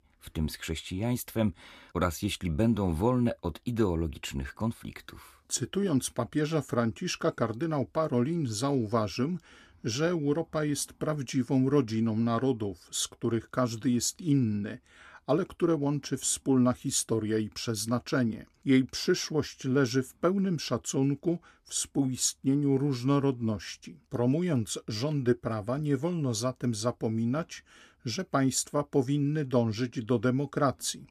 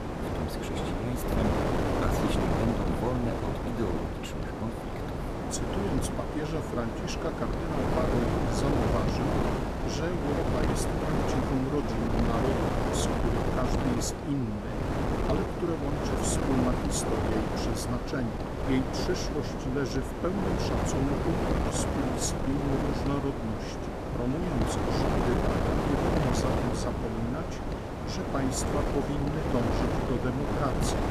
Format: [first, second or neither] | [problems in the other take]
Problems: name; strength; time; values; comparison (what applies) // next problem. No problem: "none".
first | wind noise on the microphone; heavy; 4 dB above the speech